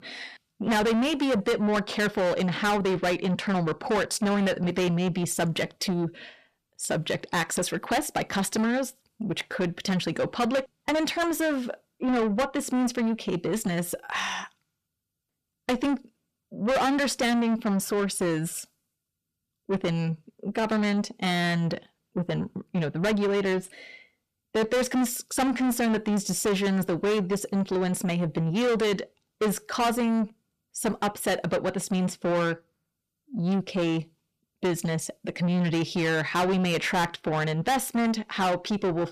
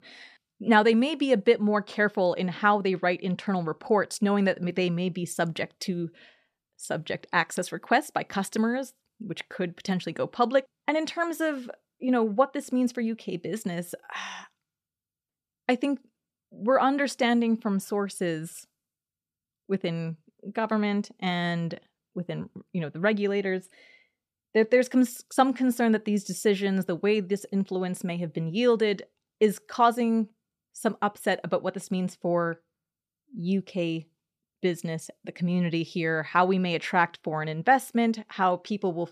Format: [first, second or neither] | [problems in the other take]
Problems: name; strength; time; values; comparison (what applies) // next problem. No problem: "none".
second | distortion; heavy; 6 dB below the speech